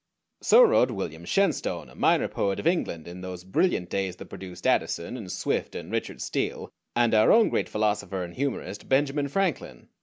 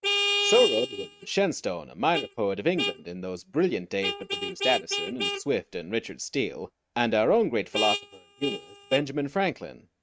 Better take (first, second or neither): first